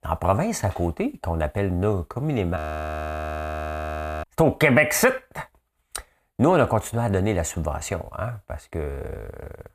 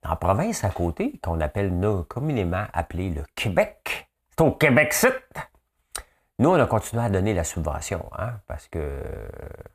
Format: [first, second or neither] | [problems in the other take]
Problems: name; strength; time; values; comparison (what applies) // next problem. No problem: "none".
second | audio freezing; at 2.5 s for 1.5 s